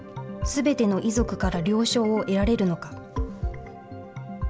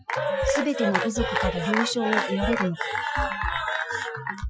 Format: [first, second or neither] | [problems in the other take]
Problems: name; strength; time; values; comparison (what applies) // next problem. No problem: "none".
first | noise reduction (classical method Wiener filter)